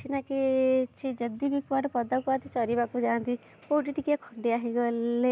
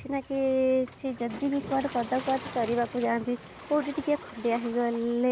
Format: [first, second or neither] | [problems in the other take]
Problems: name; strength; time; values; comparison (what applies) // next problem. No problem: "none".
first | background sound (Waves, surf); 15 dB below the speech